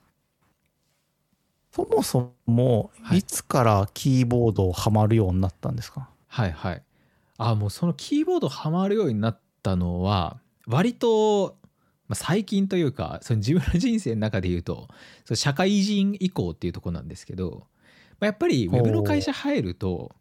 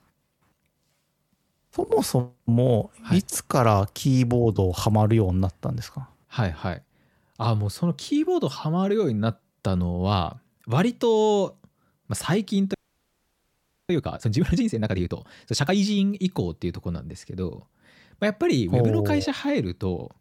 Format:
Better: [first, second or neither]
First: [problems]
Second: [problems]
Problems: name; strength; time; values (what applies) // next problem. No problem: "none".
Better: first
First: none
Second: audio freezing; at 13 s for 1 s